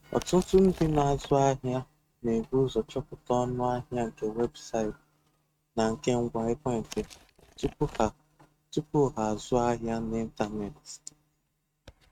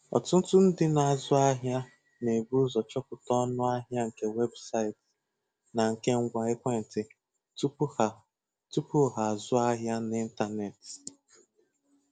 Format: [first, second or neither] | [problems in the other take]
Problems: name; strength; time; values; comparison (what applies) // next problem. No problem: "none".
second | noise reduction (neural mask model RNNoise)